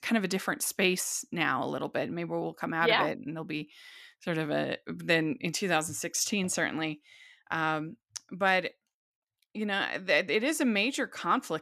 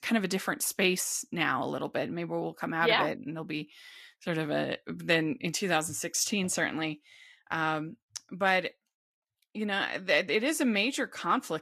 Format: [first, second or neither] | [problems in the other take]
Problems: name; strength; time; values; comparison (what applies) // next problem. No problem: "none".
first | garbled, watery; slightly; nothing above 14.5 kHz